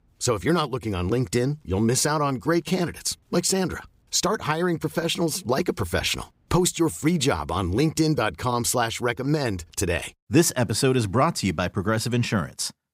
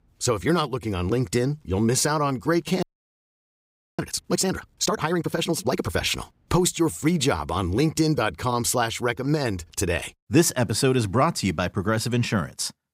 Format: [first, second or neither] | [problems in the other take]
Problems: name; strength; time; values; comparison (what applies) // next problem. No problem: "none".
first | audio freezing; at 3 s for 1 s